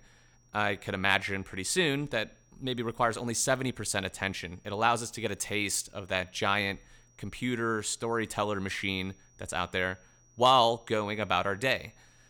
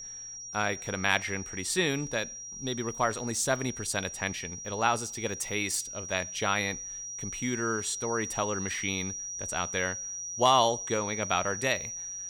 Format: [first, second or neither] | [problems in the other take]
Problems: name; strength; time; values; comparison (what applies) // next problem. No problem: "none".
first | high-pitched whine; loud; throughout; 6 kHz, 6 dB below the speech; faint in the first